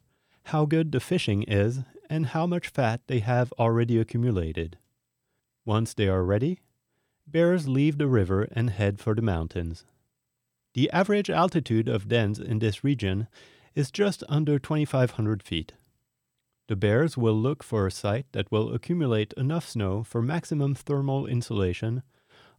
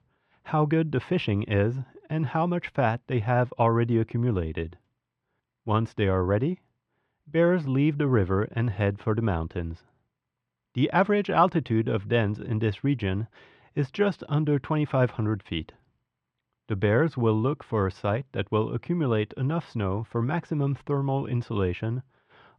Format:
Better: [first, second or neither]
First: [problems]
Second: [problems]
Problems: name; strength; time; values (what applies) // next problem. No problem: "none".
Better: first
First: none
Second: muffled; slightly; fading above 2.5 kHz